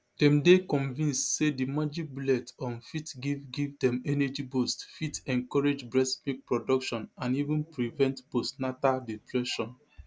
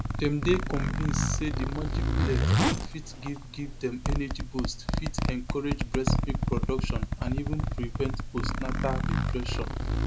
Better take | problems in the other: first | background sound (Zipper (clothing)); 5 dB above the speech

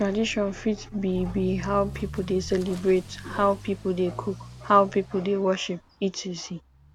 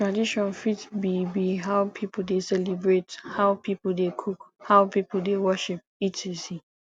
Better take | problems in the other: second | background sound (Accelerating, revving, vroom / Motor vehicle (road)); 15 dB below the speech

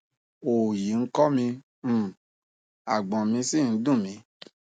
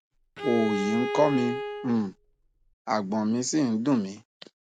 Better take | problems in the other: first | background sound (Bowed string instrument); 5 dB below the speech

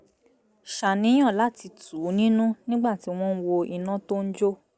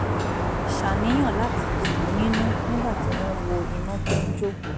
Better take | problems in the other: first | background sound (Sliding door); 4 dB above the speech

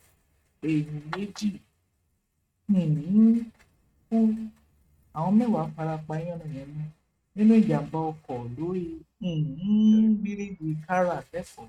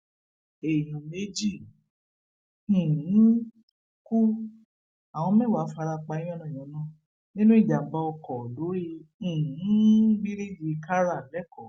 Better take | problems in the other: second | noise reduction (neural mask model RNNoise)

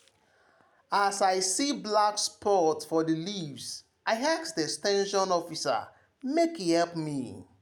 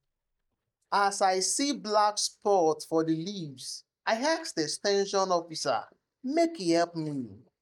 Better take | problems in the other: first | noise reduction (neural mask model DeepFilterNet 3)

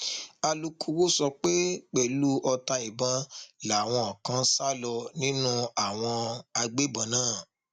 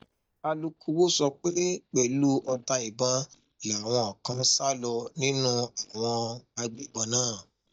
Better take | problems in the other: first | noise reduction (neural mask model DeepFilterNet 3)

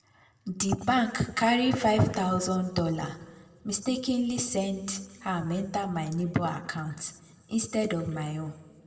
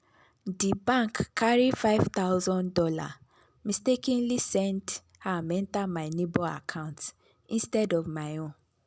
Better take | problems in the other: second | room echo; dies away in 1.2 s

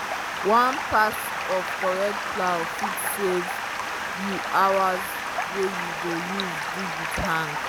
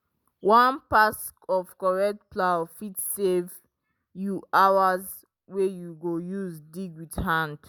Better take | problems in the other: second | background sound (Stream); 2 dB below the speech

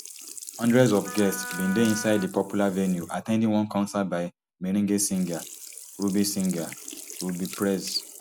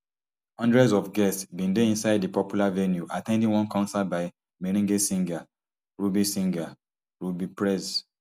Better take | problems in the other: second | background sound (Sink (filling or washing) + Wind instrument, woodwind instrument); 14 dB below the speech

